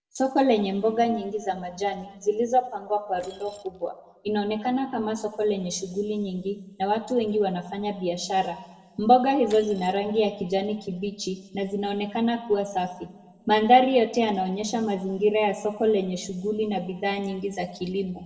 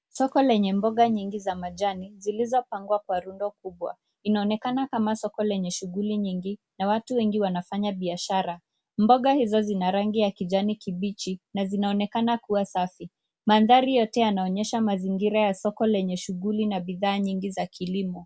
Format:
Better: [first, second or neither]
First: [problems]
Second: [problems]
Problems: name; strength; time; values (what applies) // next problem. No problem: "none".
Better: second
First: noise reduction (neural separator model SepFormer DNS4)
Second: none